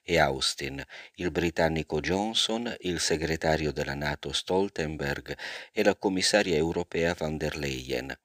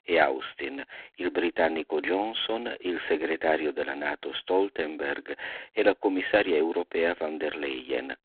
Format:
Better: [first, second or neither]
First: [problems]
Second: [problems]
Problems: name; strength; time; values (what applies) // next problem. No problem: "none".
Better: first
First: none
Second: phone-call audio; poor line